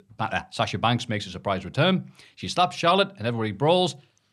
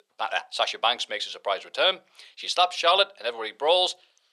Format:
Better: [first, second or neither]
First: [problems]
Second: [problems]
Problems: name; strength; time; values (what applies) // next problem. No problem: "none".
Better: first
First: none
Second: thin; very; fading below 500 Hz